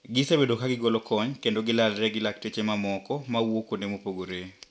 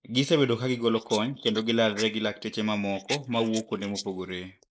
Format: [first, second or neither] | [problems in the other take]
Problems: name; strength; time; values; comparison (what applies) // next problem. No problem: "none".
first | noise reduction (neural mask model Resemble Enhance denoiser)